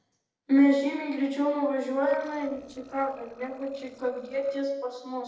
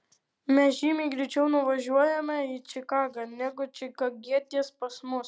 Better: second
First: noise reduction (neural separator model SepFormer DNS4)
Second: none

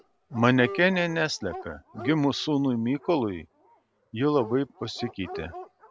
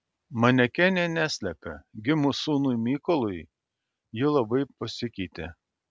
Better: second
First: background sound (Dog); 16 dB below the speech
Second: none

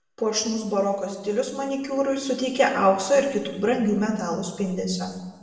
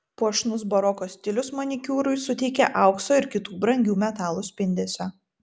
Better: second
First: room echo; dies away in 1 s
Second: none

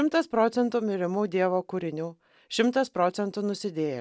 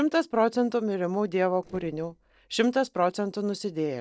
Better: first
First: none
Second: noise reduction (neural separator model SepFormer DNS4)

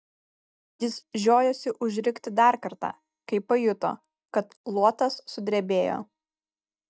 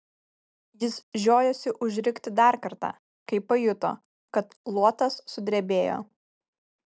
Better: second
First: noise reduction (neural mask model DeepFilterNet 3)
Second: none

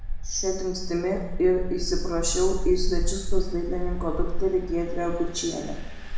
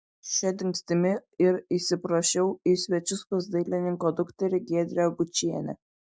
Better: second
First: background sound (Engine); 1 dB above the speech // room echo; dies away in 0.8 s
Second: none

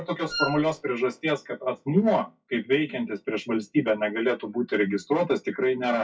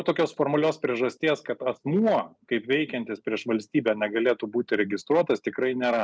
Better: second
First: noise reduction (classical method WPE with log-MMSE)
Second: none

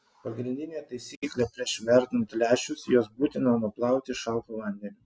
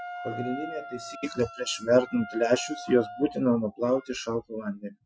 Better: first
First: none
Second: noise reduction (classical method Wiener filter)

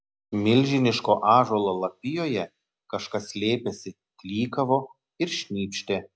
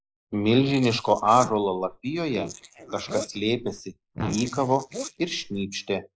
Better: first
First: none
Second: noise reduction (neural mask model Resemble Enhance denoiser)

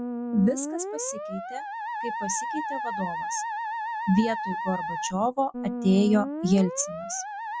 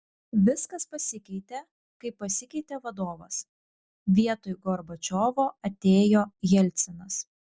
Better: second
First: background sound (Musical instrument); 5 dB below the speech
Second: none

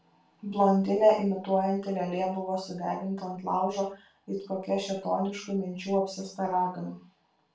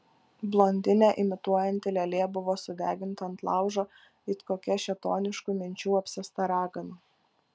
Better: second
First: room echo; dies away in 0.3 s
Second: none

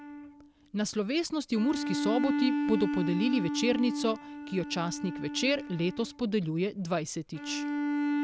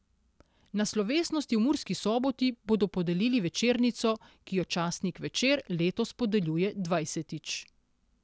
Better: second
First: background sound (Bowed string instrument); 3 dB below the speech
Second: none

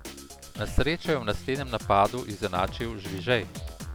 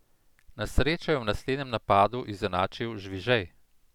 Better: second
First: background sound (Drum kit); 11 dB below the speech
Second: none

